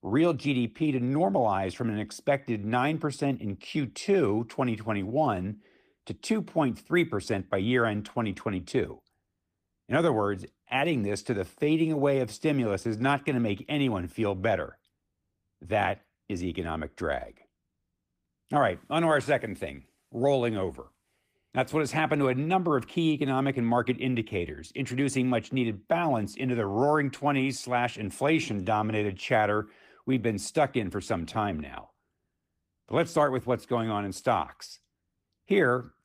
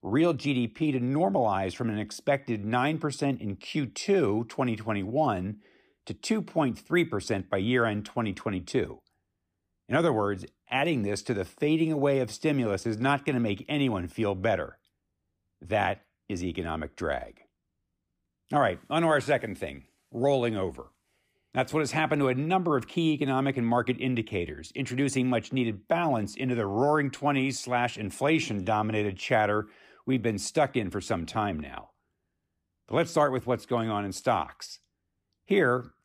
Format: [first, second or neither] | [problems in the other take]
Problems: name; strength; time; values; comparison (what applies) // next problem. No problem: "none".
second | garbled, watery; slightly; nothing above 15 kHz